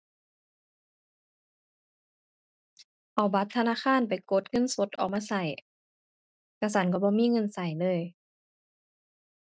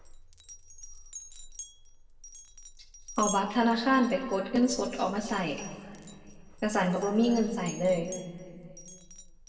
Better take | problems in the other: first | background sound (Glass); 15 dB below the speech // room echo; dies away in 1.7 s

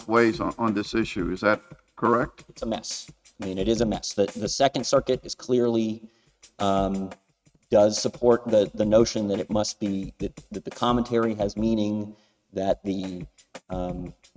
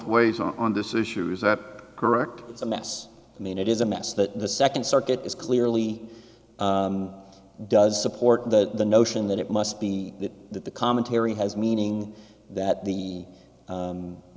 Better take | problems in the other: second | noise reduction (neural mask model RNNoise)

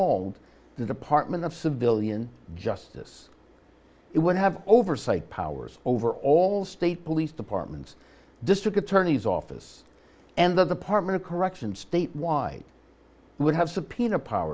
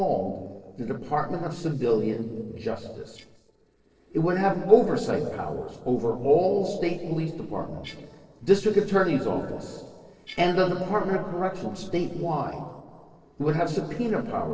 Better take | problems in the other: first | noise reduction (neural separator model SepFormer DNS4)

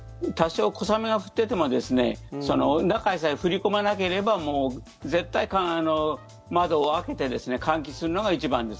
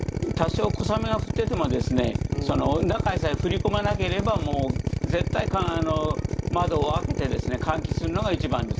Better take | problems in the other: first | background sound (Drill); as loud as the speech

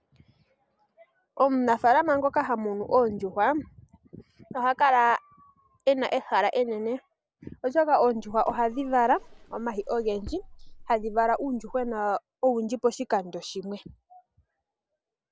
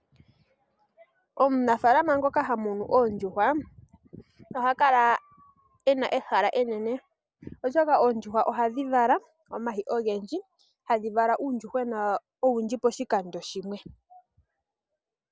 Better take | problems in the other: second | background sound (Drawer open or close); 16 dB below the speech

